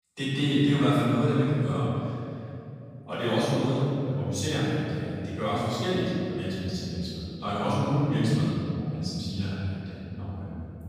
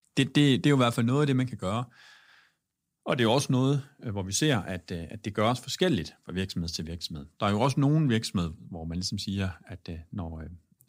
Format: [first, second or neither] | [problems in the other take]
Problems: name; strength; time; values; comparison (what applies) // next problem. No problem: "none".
second | room echo; strong; dies away in 2.8 s // off-mic speech; far